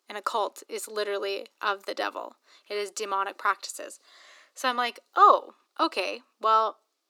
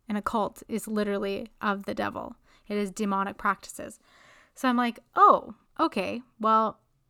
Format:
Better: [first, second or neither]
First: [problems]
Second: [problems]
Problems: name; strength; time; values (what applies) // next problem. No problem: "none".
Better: second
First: thin; very; fading below 350 Hz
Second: none